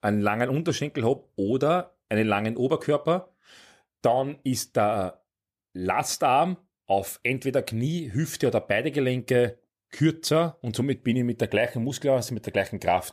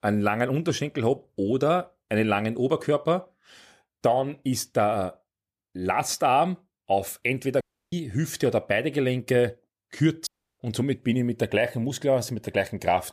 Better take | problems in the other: first | audio cutting out; at 7.5 s and at 10 s

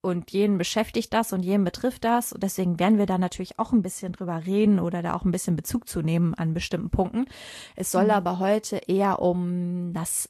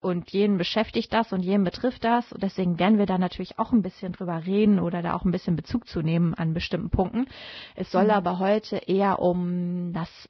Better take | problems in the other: first | garbled, watery; badly; nothing above 5.5 kHz; slightly in the first

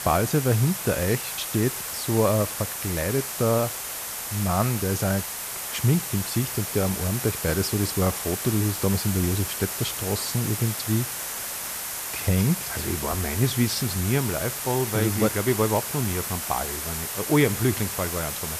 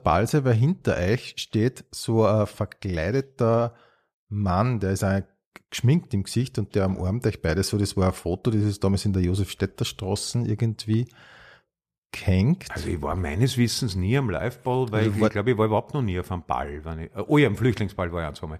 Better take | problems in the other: second | hiss; loud; throughout; 3 dB below the speech

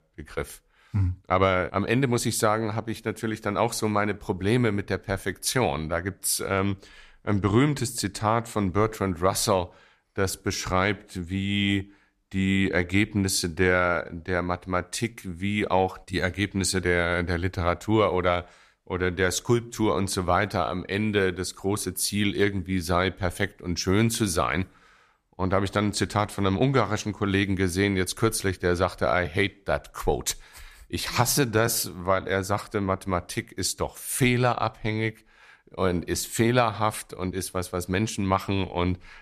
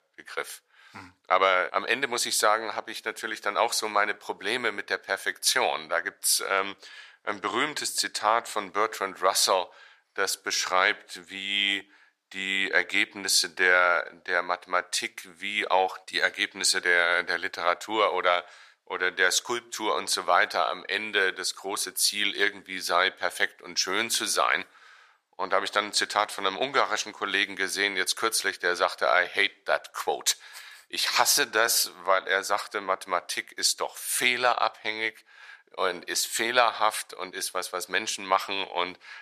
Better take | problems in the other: first | thin; very; fading below 700 Hz

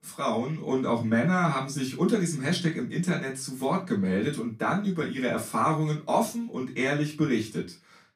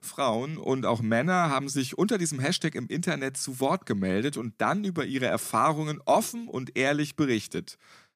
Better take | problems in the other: second | off-mic speech; far // room echo; very slight; dies away in 0.2 s

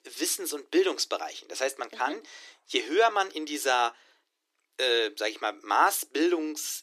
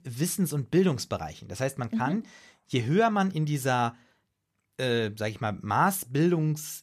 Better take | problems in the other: second | thin; very; fading below 300 Hz

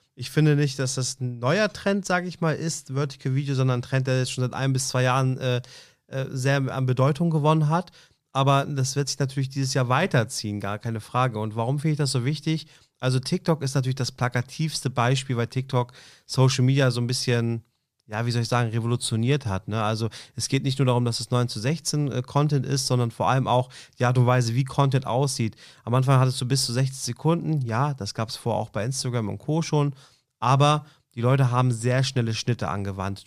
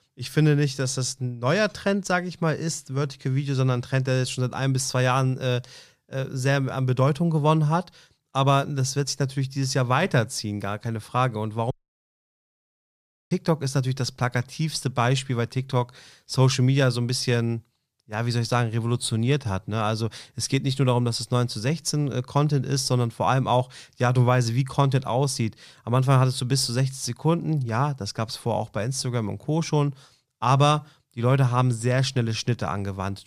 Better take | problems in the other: first | audio cutting out; at 12 s for 1.5 s

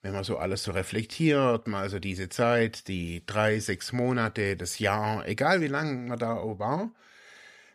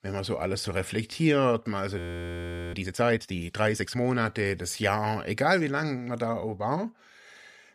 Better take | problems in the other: first | audio freezing; at 2 s for 1 s

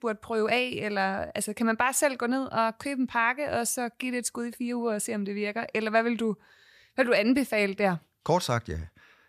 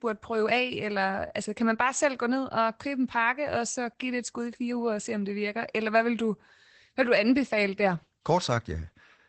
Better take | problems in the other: first | garbled, watery; badly; nothing above 8 kHz

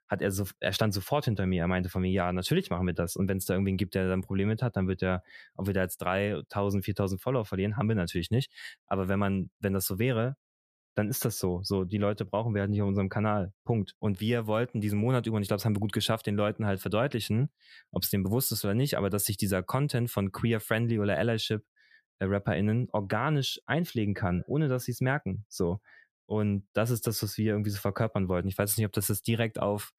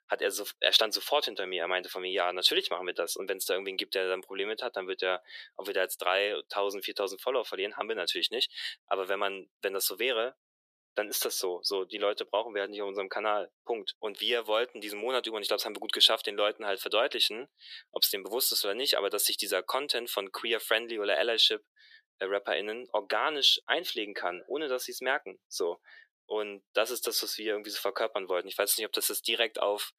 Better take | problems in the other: first | thin; very; fading below 350 Hz

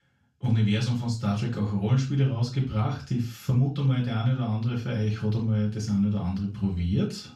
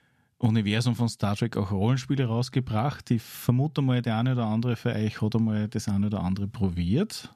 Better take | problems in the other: second | room echo; slight; dies away in 0.3 s // off-mic speech; far

